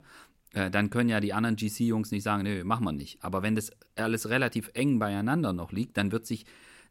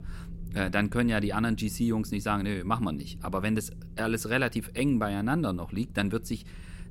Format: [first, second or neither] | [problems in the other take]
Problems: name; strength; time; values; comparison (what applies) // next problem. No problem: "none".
first | low rumble; faint; throughout; 25 dB below the speech